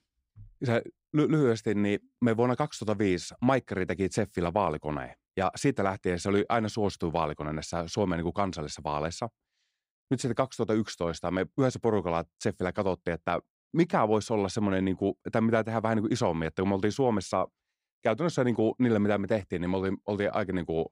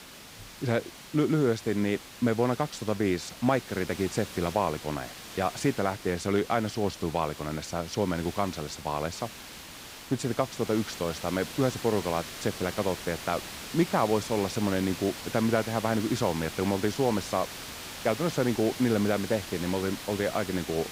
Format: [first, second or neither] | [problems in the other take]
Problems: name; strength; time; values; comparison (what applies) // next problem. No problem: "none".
first | hiss; noticeable; throughout; 10 dB below the speech